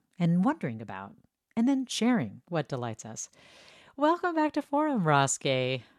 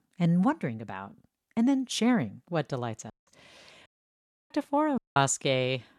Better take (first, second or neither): first